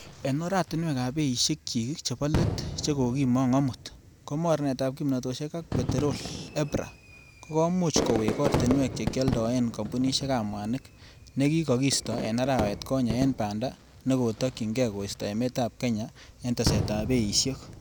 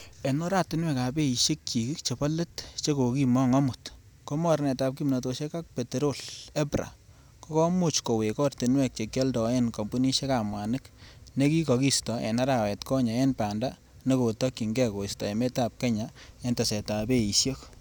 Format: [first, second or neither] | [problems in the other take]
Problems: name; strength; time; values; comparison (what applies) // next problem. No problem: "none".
second | background sound (Fireworks); 7 dB below the speech